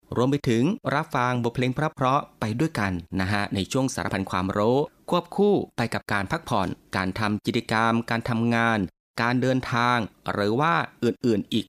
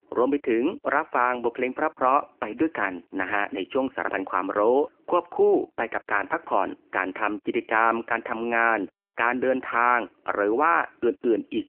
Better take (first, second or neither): first